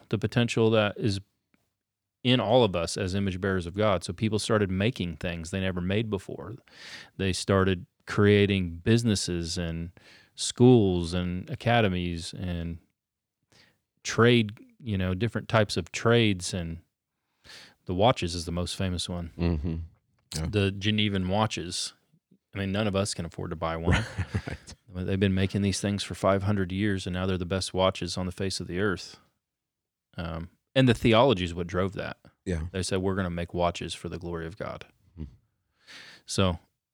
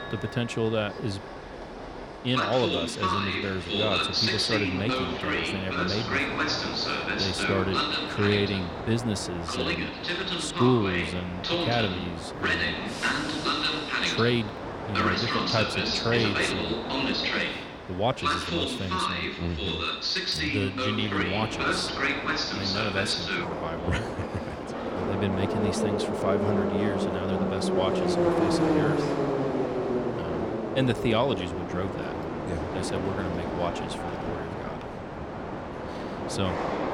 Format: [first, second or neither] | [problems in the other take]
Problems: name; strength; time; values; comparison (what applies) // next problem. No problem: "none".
first | train or aircraft noise; very loud; throughout; 3 dB above the speech